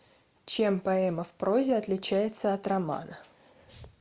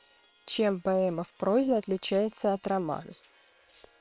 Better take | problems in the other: first | noise reduction (neural separator model SepFormer WHAM!)

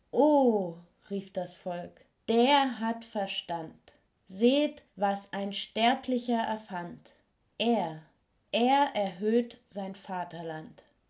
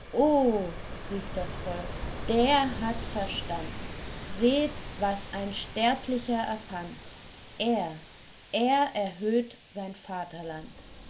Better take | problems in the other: first | background sound (Ocean); 10 dB below the speech

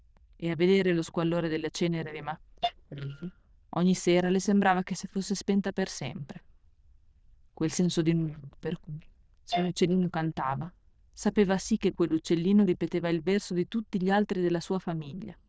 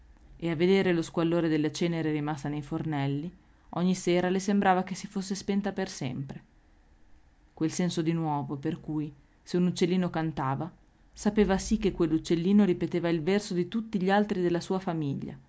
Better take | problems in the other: second | noise reduction (neural diffusion model UNIVERSE++)

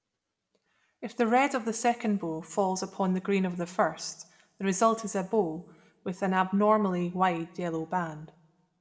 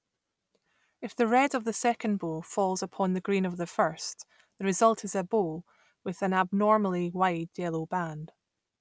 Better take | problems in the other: second | room echo; dies away in 0.6 s

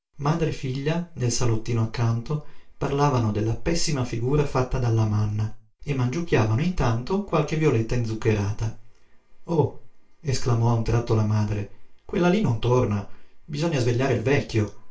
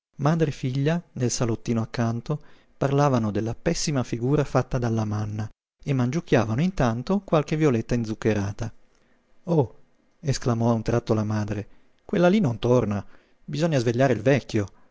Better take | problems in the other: second | room echo; dies away in 0.3 s

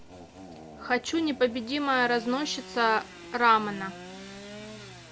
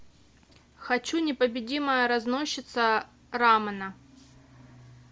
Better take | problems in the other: second | background sound (Sawing / Engine); 16 dB below the speech

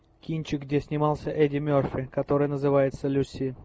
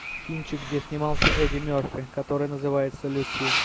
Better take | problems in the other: first | background sound (Breathing + Fireworks); 1 dB below the speech

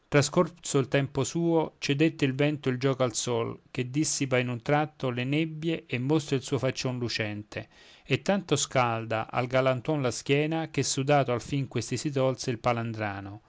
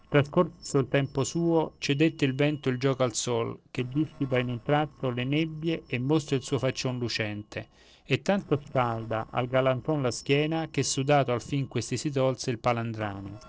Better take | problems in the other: first | noise reduction (neural separator model SepFormer DNS4)

